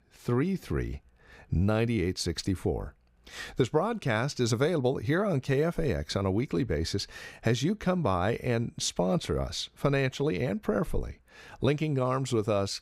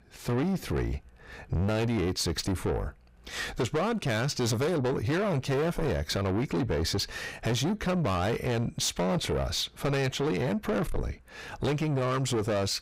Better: first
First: none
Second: distortion; heavy; 7 dB below the speech

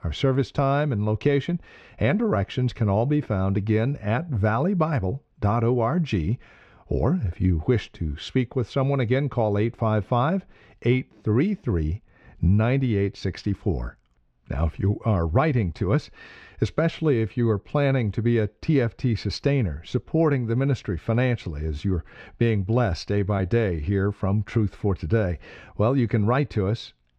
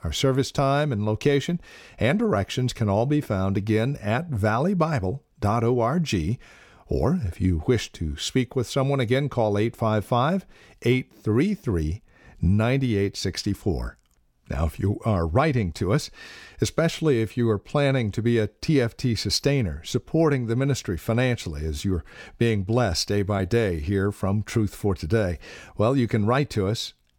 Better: second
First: muffled; slightly; fading above 3 kHz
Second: none

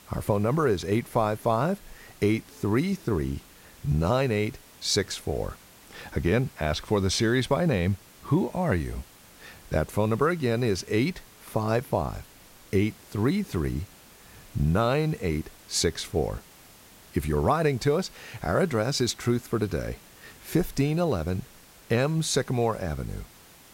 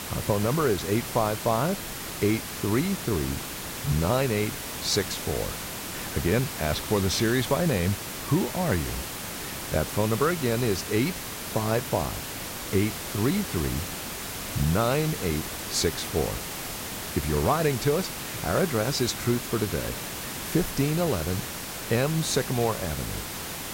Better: first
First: hiss; faint; throughout; 25 dB below the speech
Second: hiss; loud; throughout; 5 dB below the speech

